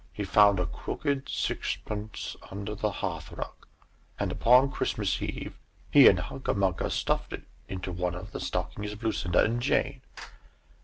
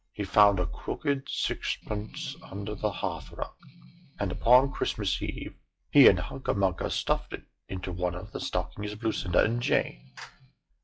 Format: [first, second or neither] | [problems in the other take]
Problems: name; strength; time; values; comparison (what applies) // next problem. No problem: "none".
first | noise reduction (classical method log-MMSE)